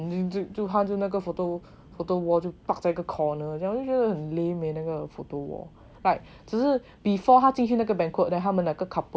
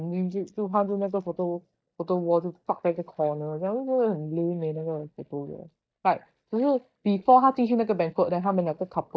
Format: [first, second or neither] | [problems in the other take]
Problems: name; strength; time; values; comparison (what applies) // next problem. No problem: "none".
first | noise reduction (neural mask model DeepFilterNet 3)